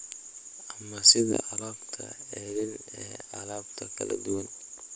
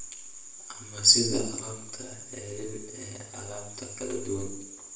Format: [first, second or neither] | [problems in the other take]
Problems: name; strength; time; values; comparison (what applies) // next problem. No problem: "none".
first | room echo; dies away in 0.8 s